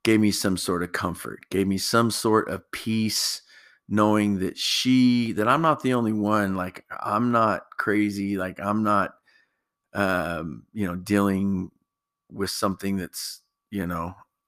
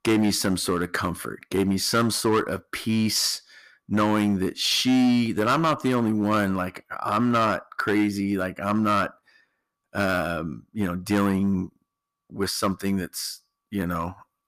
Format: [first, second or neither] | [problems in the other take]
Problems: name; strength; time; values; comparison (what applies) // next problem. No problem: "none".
first | distortion; slight; 6% of the sound clipped